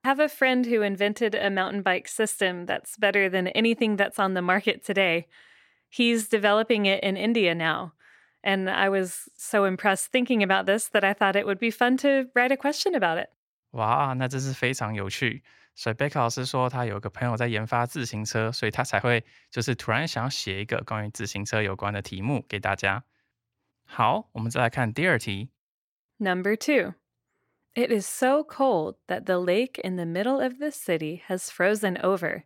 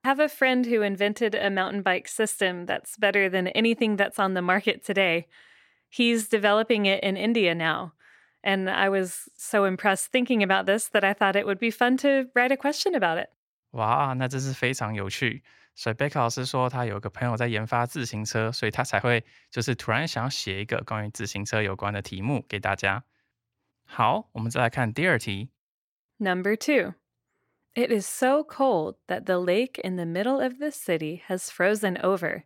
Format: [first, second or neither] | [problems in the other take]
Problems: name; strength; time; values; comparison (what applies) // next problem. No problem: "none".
neither | none